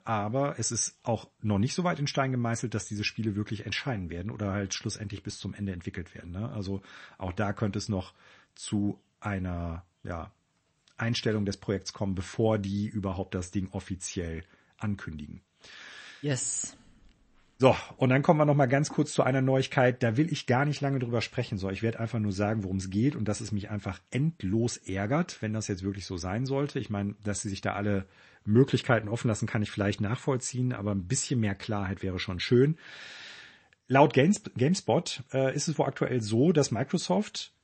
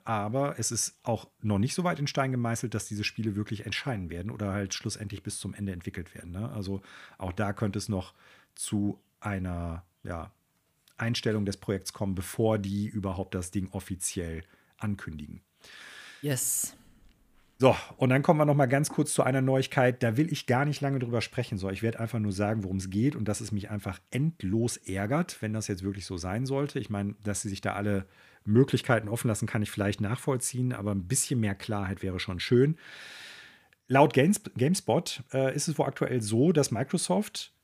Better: second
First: garbled, watery; slightly; nothing above 8 kHz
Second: none

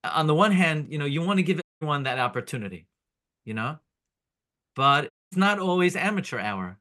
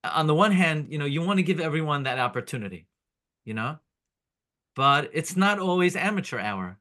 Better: second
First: audio cutting out; at 1.5 s and at 5 s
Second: none

